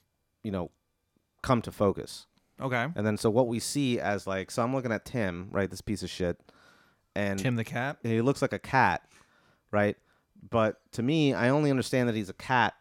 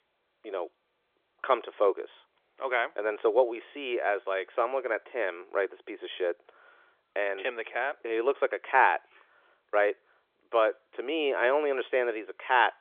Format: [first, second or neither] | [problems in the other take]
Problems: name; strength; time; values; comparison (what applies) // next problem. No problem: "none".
first | phone-call audio; nothing above 3.5 kHz